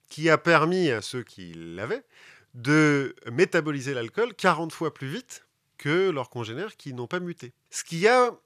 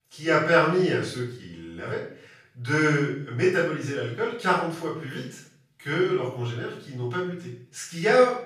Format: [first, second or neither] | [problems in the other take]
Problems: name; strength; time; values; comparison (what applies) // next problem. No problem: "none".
first | off-mic speech; far // room echo; noticeable; dies away in 0.5 s